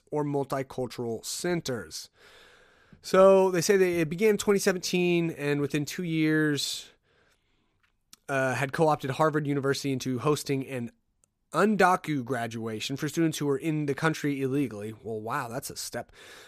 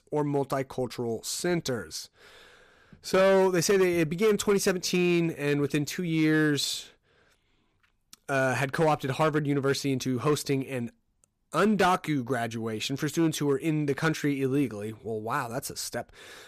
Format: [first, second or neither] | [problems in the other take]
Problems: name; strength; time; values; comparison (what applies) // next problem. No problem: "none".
first | distortion; slight; 4% of the sound clipped